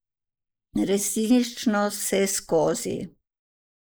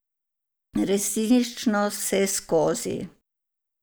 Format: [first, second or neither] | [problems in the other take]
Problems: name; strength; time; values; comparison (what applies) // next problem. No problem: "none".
second | noise reduction (neural mask model Resemble Enhance denoiser)